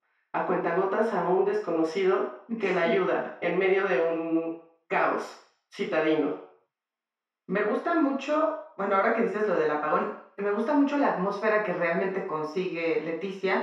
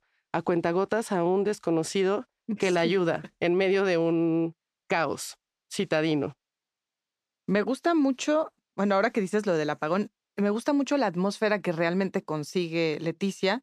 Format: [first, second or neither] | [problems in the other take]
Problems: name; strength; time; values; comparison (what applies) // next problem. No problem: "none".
second | room echo; noticeable; dies away in 0.6 s // off-mic speech; far